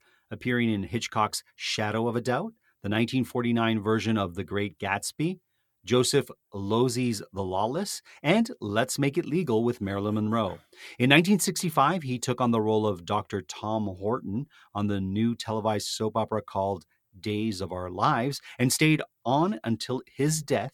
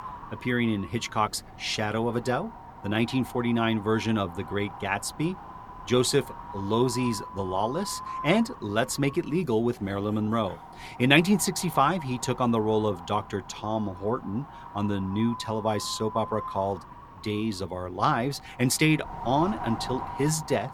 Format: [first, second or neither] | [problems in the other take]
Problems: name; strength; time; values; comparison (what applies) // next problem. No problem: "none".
first | wind noise on the microphone; occasional gusts; 10 dB below the speech